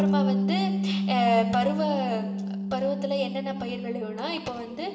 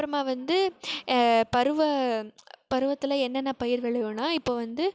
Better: second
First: background sound (Bass guitar); 1 dB above the speech // room echo; dies away in 2.5 s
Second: none

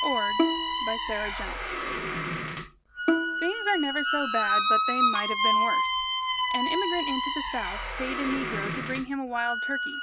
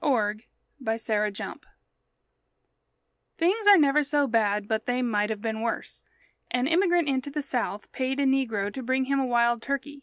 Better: second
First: background sound (Bowed string instrument + Squeak); 5 dB above the speech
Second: none

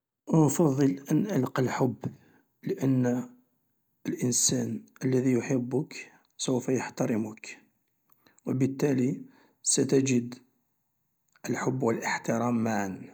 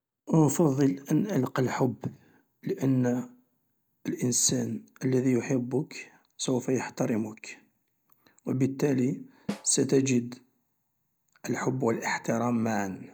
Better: first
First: none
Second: background sound (Snare drum); 14 dB below the speech

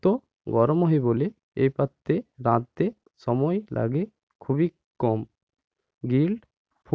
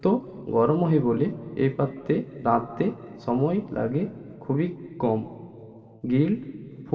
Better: first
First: none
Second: room echo; dies away in 2.3 s

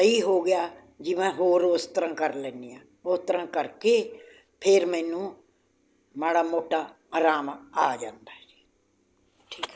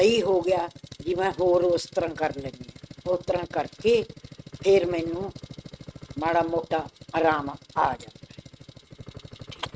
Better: first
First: none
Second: noise reduction (neural mask model RNNoise)

